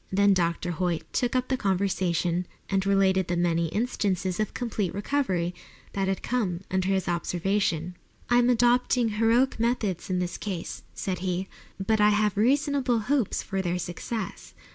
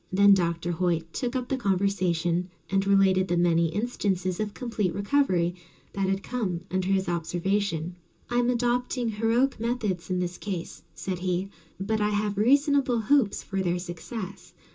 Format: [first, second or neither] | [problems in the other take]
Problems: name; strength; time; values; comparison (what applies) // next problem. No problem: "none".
first | room echo; dies away in 0.2 s